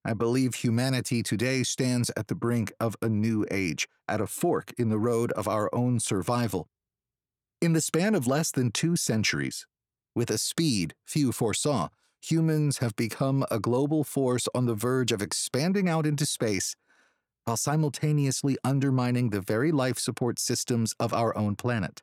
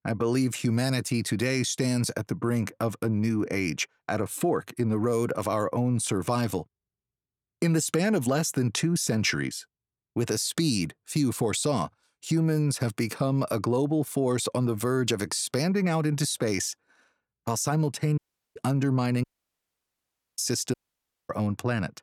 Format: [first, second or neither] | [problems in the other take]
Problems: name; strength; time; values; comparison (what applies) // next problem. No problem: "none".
first | audio cutting out; at 18 s, at 19 s for 1 s and at 21 s for 0.5 s